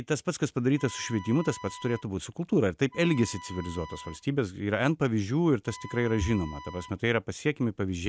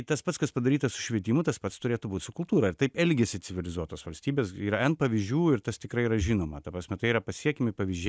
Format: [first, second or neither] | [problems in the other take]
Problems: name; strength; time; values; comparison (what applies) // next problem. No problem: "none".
second | background sound (Wind instrument, woodwind instrument); 17 dB below the speech